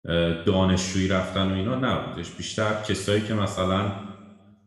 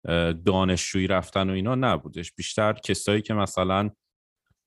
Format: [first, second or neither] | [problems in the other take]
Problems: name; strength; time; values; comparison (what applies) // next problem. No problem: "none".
second | room echo; noticeable; dies away in 1.1 s // off-mic speech; somewhat distant